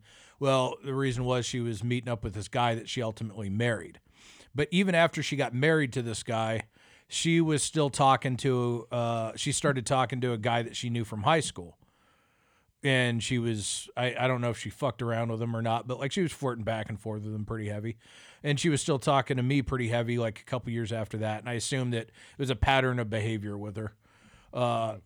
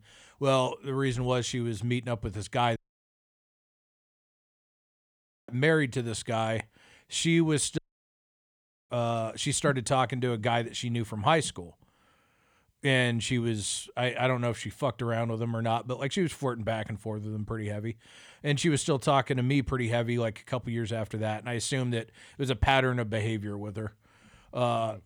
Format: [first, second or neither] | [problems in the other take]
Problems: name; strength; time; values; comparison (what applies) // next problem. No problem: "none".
first | audio cutting out; at 3 s for 2.5 s and at 8 s for 1 s